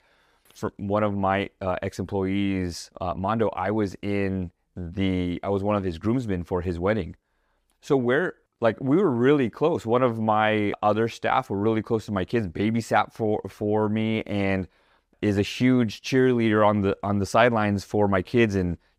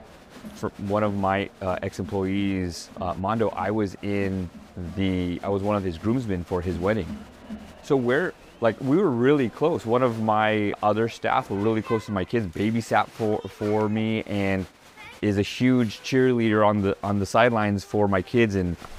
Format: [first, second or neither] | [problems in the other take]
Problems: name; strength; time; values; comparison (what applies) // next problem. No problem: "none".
first | crowd noise; faint; throughout; 20 dB below the speech